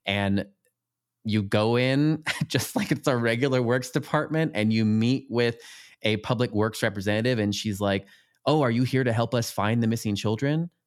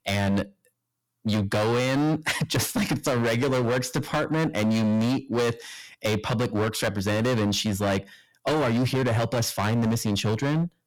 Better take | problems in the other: first | distortion; heavy; 21% of the sound clipped

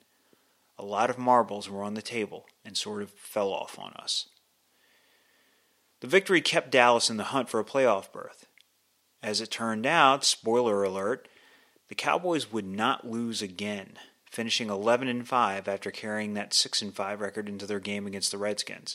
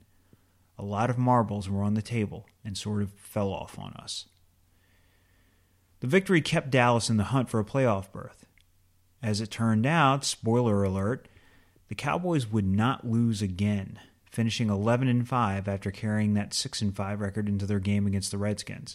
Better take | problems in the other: second | thin; somewhat; fading below 400 Hz

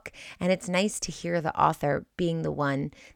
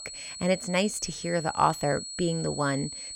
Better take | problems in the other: first | high-pitched whine; loud; throughout; 8 kHz, 9 dB below the speech

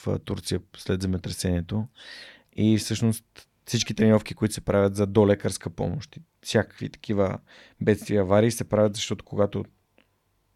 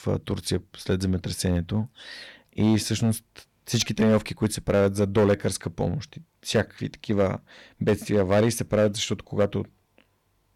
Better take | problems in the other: first | distortion; slight; 4% of the sound clipped

